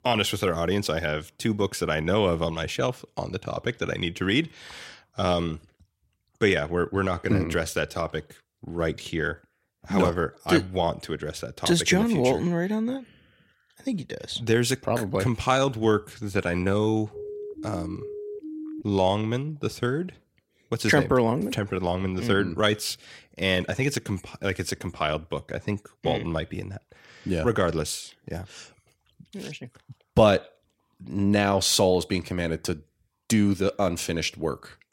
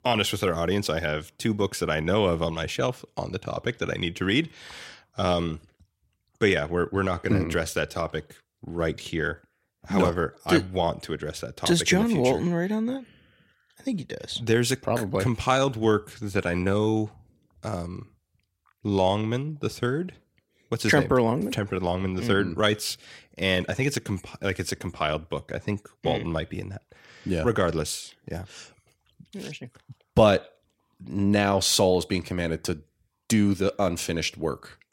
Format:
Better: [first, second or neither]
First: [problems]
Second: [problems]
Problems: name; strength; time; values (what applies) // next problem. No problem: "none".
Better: second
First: siren; faint; from 17 to 19 s; peak 10 dB below the speech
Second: none